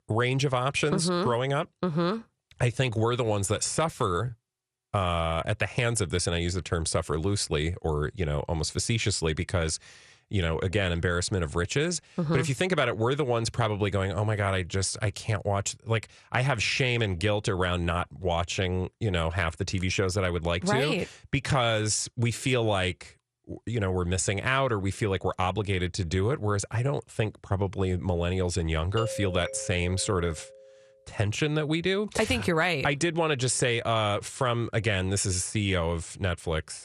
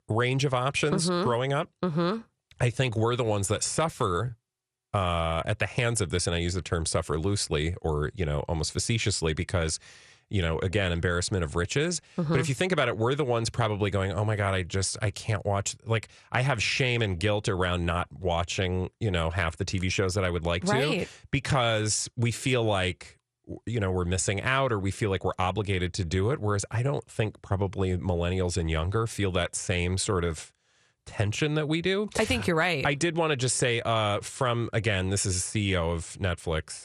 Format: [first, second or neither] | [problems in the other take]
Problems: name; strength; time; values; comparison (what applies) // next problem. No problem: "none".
second | doorbell; noticeable; from 29 to 31 s; peak 8 dB below the speech